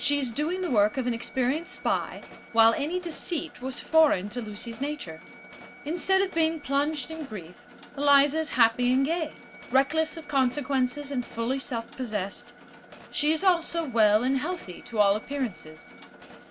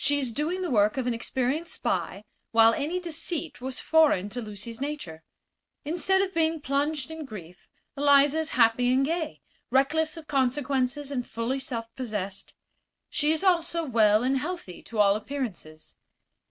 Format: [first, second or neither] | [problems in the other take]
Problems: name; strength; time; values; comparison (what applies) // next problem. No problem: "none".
second | background sound (Mechanisms + Wind instrument, woodwind instrument); 19 dB below the speech